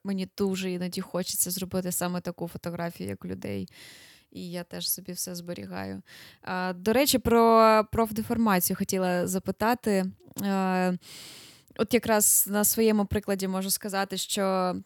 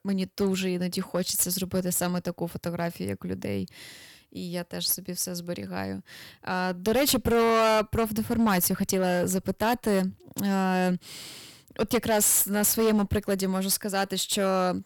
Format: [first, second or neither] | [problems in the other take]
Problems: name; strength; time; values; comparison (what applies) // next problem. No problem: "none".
first | distortion; heavy; 7% of the sound clipped